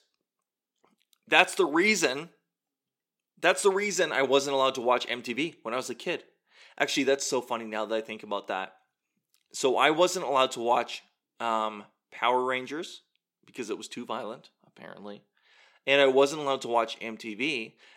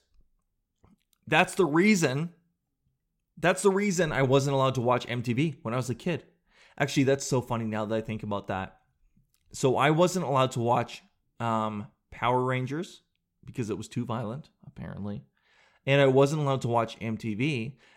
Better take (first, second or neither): second